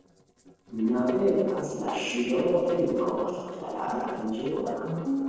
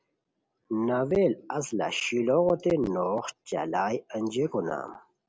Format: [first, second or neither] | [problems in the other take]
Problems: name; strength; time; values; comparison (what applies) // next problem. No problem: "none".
second | noise reduction (neural separator model SepFormer DNS4)